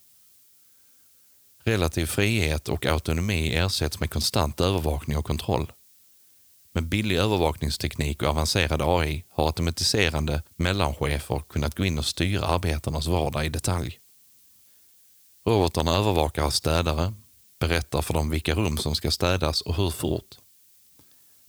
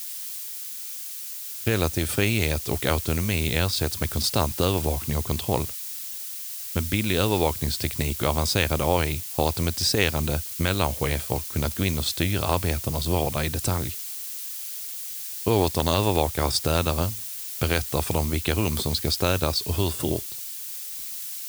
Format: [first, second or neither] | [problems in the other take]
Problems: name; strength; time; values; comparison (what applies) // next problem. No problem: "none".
first | hiss; loud; throughout; 6 dB below the speech; faint in the first